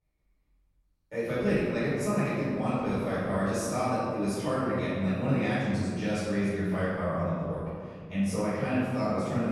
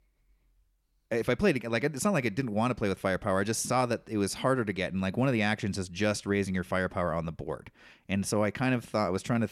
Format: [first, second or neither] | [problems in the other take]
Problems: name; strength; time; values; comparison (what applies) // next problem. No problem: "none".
second | off-mic speech; far // room echo; strong; dies away in 2.2 s